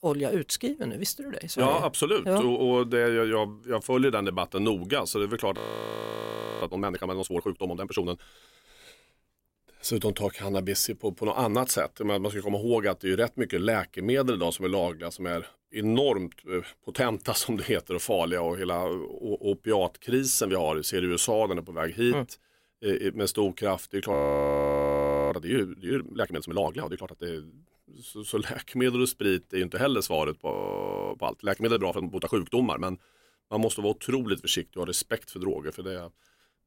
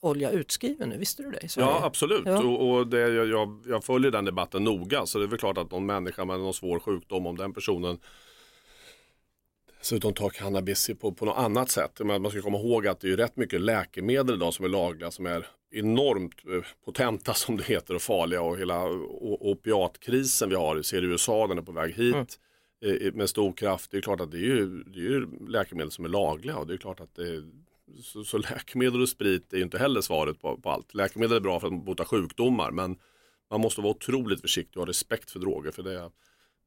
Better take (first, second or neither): second